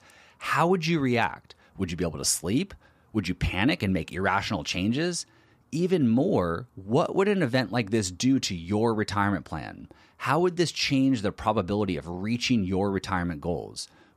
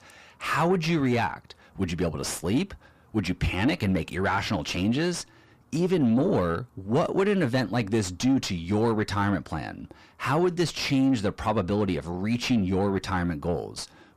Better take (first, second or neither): first